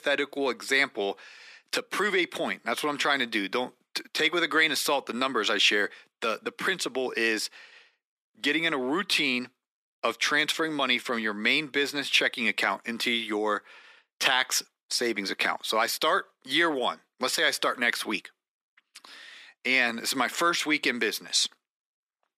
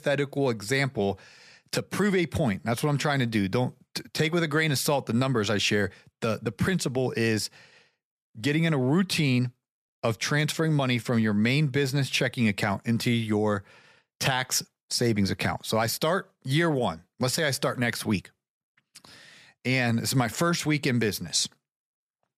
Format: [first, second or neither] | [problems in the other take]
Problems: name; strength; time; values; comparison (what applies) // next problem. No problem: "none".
second | thin; somewhat; fading below 300 Hz